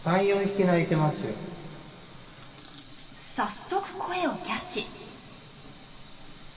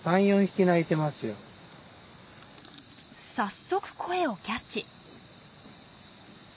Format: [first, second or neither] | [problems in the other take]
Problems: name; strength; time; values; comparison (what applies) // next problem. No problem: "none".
second | background sound (Cricket); 20 dB below the speech // room echo; dies away in 2.4 s